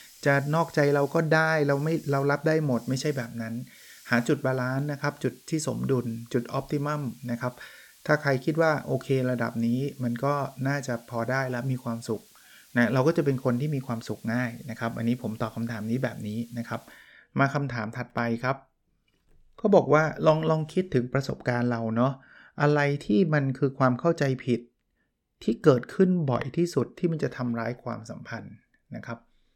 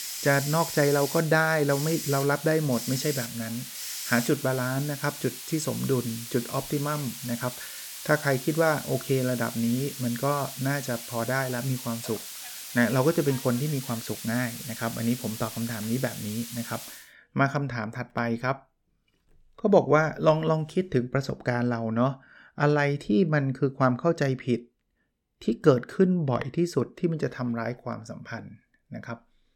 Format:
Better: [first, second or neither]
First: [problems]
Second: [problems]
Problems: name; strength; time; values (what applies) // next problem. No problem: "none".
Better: first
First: hiss; faint; until 17 s; 25 dB below the speech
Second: hiss; loud; until 17 s; 9 dB below the speech